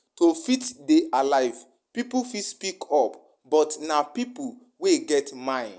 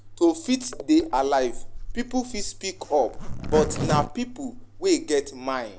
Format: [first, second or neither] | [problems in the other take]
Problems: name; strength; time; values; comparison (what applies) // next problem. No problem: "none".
first | background sound (Zipper (clothing)); 7 dB below the speech